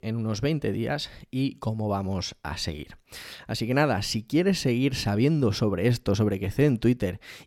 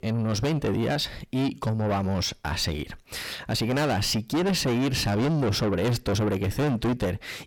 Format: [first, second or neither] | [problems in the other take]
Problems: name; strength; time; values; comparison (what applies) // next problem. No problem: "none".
first | distortion; heavy; 6 dB below the speech